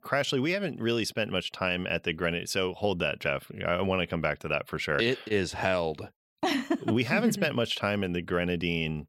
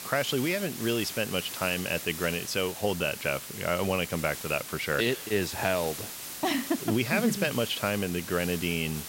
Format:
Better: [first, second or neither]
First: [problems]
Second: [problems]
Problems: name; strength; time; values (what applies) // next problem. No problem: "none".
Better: first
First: none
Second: hiss; loud; throughout; 8 dB below the speech